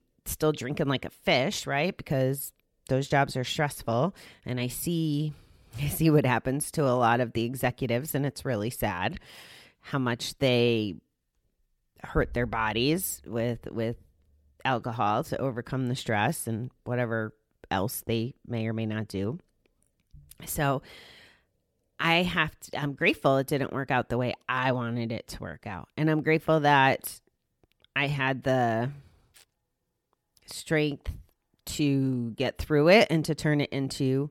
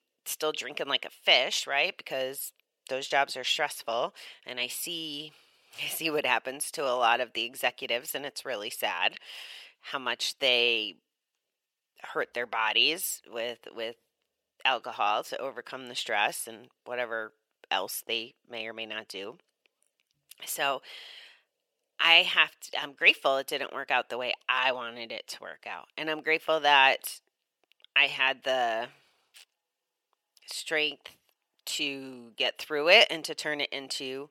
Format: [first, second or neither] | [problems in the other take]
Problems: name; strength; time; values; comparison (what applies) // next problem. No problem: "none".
first | thin; very; fading below 650 Hz